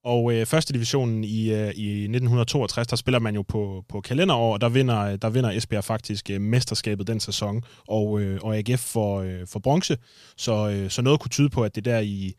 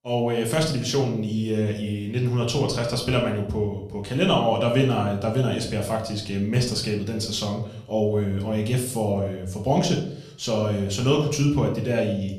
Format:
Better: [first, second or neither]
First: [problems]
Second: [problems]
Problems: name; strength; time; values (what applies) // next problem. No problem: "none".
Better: first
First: none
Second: room echo; slight; dies away in 0.5 s // off-mic speech; somewhat distant